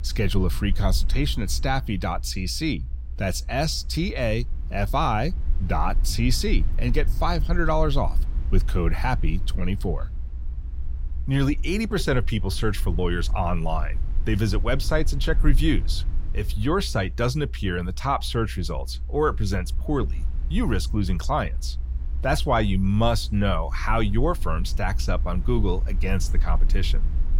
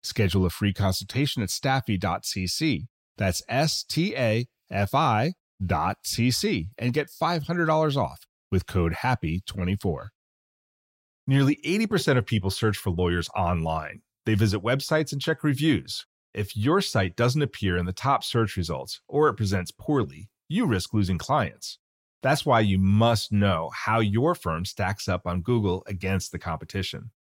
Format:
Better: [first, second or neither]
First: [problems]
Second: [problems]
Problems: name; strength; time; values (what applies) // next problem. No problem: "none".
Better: second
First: low rumble; faint; throughout; 20 dB below the speech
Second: none